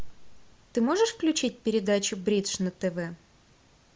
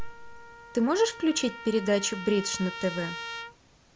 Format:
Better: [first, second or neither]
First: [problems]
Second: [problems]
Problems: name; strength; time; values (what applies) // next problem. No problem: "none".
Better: first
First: none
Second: background sound (Trumpet); 12 dB below the speech